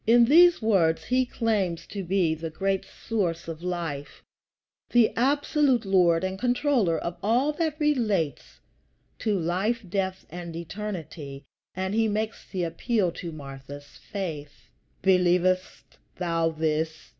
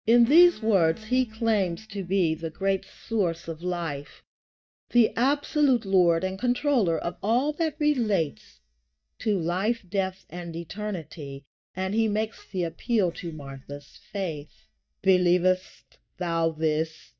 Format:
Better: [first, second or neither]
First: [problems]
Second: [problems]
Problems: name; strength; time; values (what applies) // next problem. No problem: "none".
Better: first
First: none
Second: noise reduction (neural mask model DeepFilterNet 3)